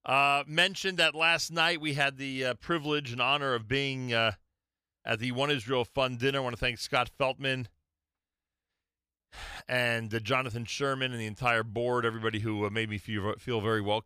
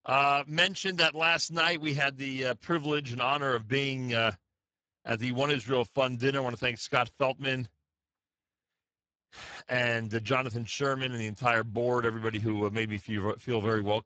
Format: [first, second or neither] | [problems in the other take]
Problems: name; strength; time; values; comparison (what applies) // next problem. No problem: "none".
first | garbled, watery; badly; nothing above 7.5 kHz